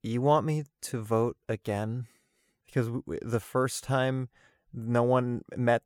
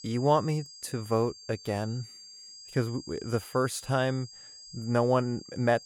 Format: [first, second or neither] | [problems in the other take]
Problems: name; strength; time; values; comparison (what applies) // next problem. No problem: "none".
first | high-pitched whine; noticeable; throughout; 5 kHz, 15 dB below the speech